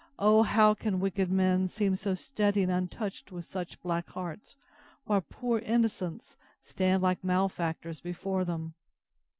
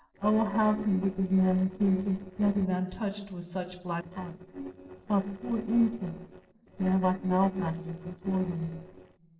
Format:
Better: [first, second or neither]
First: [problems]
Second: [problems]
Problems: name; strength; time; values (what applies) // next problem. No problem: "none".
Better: first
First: none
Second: noise reduction (neural separator model SepFormer DNS4)